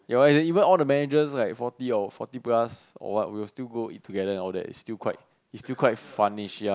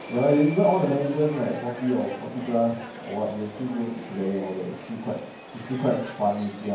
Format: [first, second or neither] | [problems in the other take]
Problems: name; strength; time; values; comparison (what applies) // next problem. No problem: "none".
first | background sound (Subway, metro, underground); 14 dB below the speech // room echo; dies away in 0.9 s